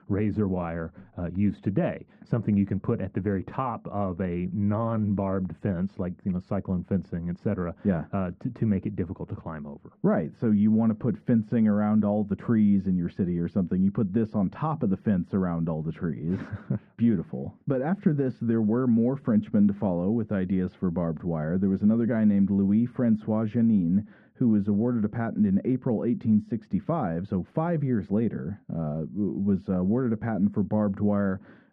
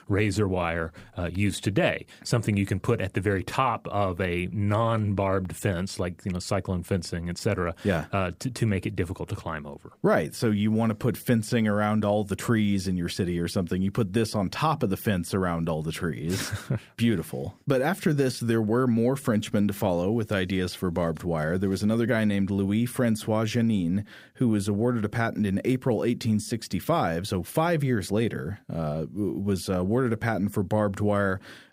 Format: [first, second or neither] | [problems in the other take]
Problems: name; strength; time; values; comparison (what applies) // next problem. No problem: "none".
second | muffled; very; fading above 1.5 kHz